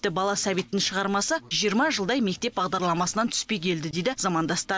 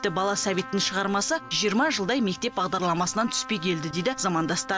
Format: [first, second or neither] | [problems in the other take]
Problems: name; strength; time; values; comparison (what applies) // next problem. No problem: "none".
first | background sound (Trumpet); 15 dB below the speech